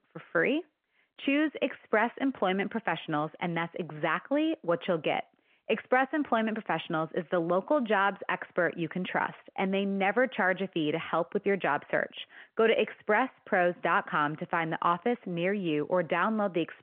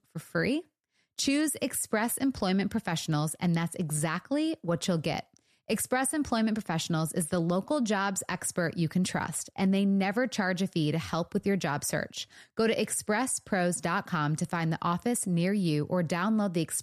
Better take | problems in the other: second | phone-call audio

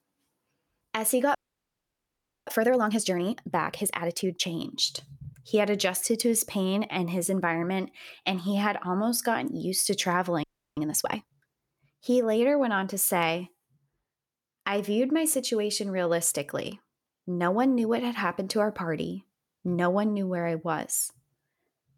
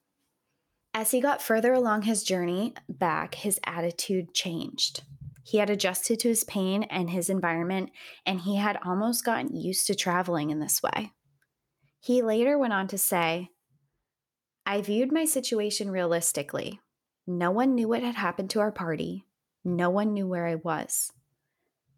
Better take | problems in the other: second | audio freezing; at 1.5 s for 1 s and at 10 s

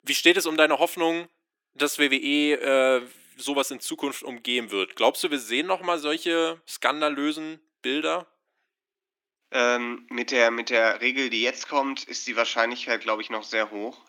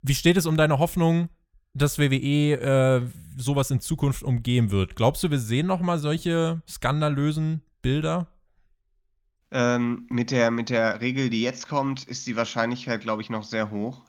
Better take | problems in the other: second | thin; somewhat; fading below 300 Hz

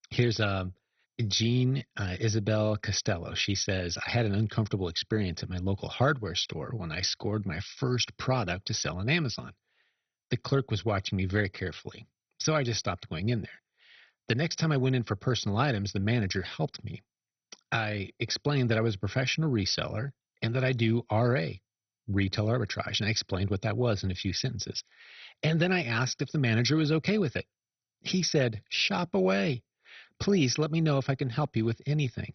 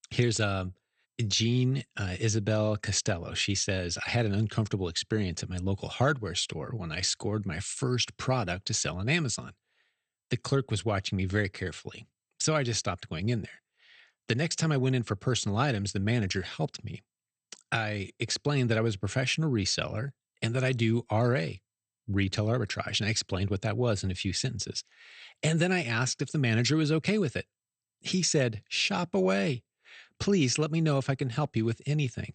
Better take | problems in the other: second | garbled, watery; badly; nothing above 6 kHz; slightly in the second

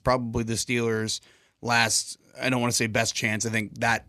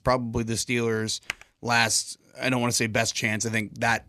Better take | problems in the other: first | keyboard typing; very faint; at 1.5 s; peak 10 dB below the speech

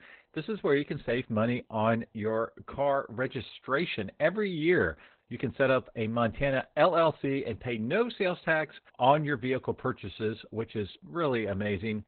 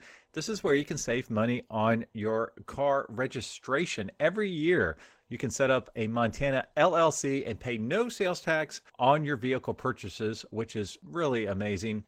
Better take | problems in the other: second | garbled, watery; badly; nothing above 4 kHz; slightly in the second

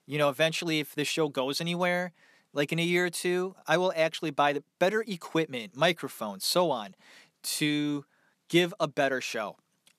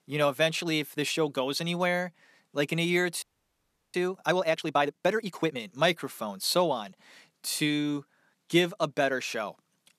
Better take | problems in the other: first | audio freezing; at 3 s for 0.5 s

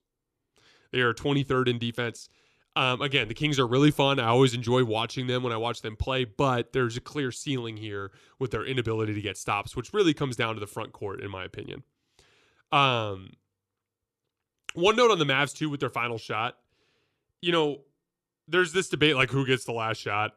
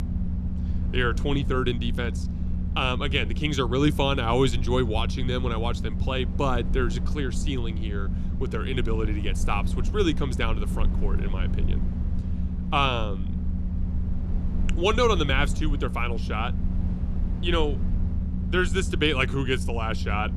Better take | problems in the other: first | low rumble; noticeable; throughout; 15 dB below the speech

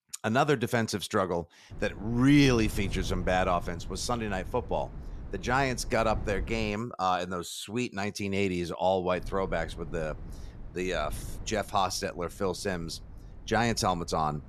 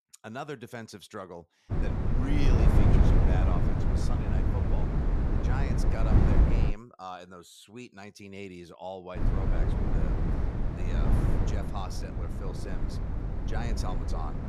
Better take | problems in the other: first | wind noise on the microphone; heavy; from 1.5 to 6.5 s and from 9 s on; 3 dB above the speech; occasional gusts in the first

